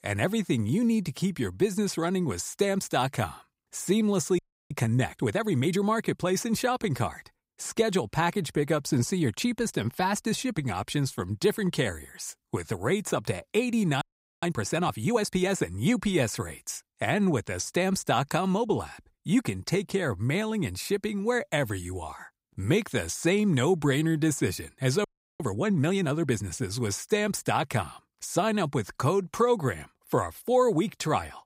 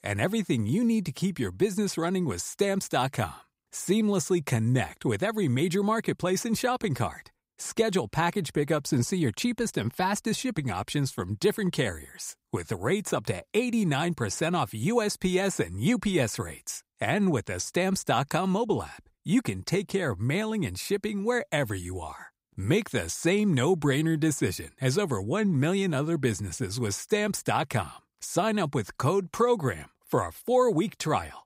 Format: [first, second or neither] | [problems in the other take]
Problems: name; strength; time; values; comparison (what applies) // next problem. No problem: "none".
second | audio freezing; at 4.5 s, at 14 s and at 25 s